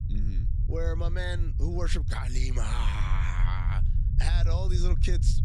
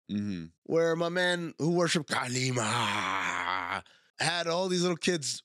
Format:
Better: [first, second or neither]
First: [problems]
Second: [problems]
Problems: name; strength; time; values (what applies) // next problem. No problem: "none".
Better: second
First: low rumble; loud; throughout; 10 dB below the speech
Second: none